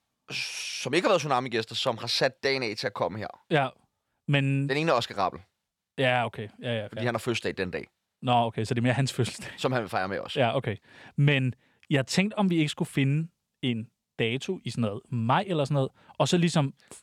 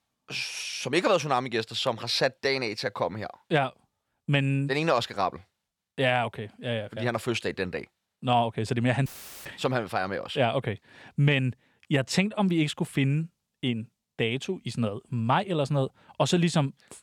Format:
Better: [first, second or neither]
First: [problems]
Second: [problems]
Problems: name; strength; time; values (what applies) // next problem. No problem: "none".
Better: first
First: none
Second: audio cutting out; filled with static; at 9 s